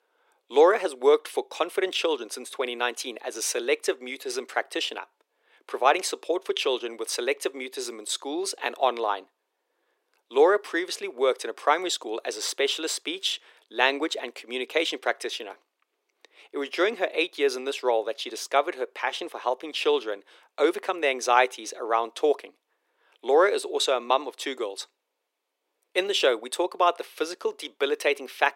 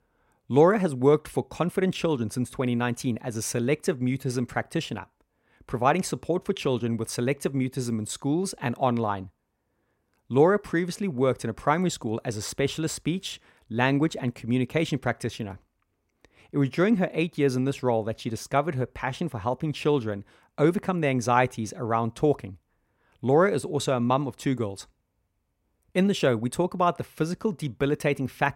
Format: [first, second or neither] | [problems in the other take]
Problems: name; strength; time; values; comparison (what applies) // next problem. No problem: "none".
second | thin; very; fading below 350 Hz